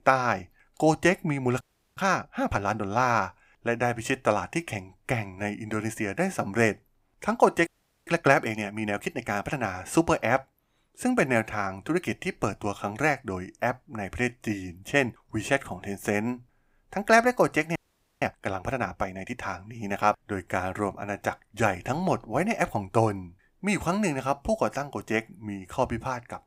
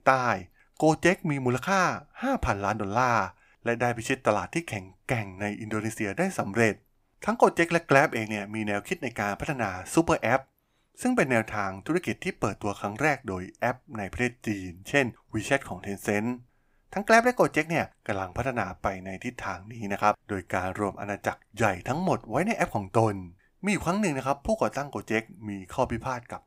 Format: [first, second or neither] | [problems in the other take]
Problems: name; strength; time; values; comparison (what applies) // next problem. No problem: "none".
second | audio freezing; at 1.5 s, at 7.5 s and at 18 s